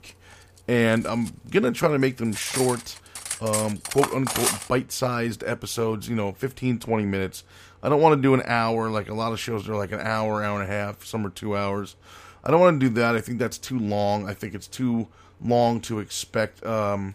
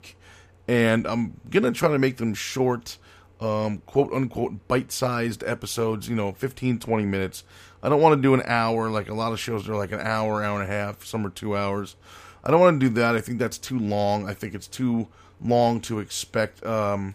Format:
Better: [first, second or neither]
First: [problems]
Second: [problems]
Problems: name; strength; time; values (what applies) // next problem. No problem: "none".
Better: second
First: clattering dishes; loud; from 2.5 to 4.5 s; peak 1 dB above the speech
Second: none